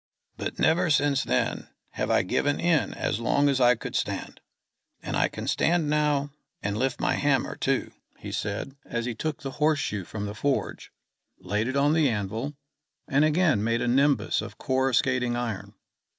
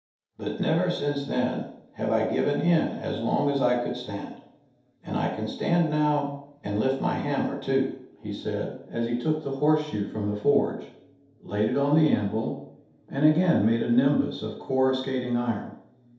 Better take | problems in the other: first | room echo; dies away in 0.8 s

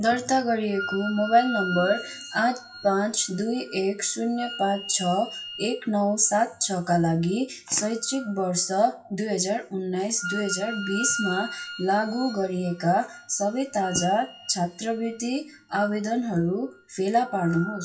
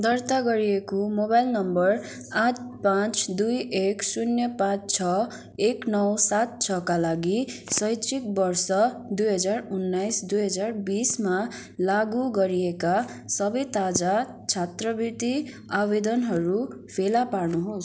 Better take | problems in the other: second | noise reduction (classical method WPE with log-MMSE)

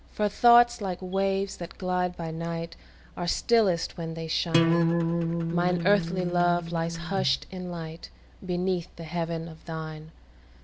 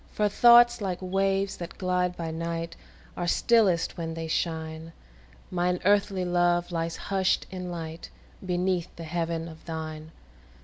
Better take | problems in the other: second | background sound (Acoustic guitar); as loud as the speech

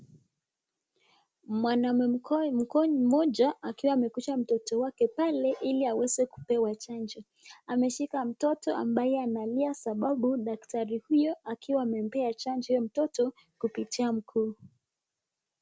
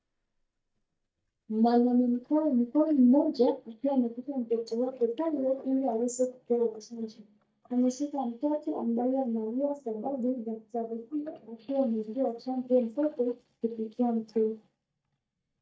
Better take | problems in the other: first | noise reduction (neural mask model DeepFilterNet 3)

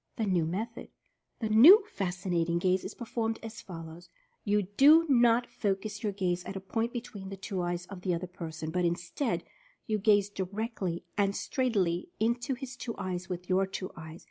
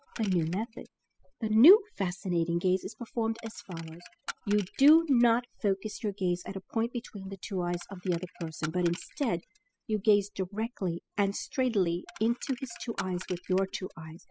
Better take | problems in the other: first | noise reduction (classical method spectral subtraction)

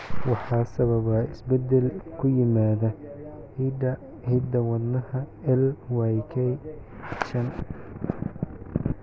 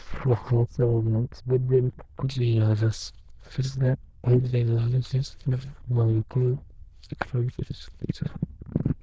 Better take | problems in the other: first | noise reduction (neural diffusion model UNIVERSE++)

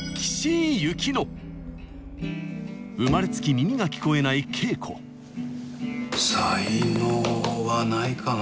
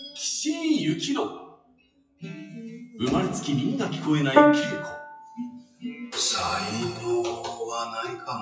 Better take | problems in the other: first | noise reduction (classical method WPE with log-MMSE)

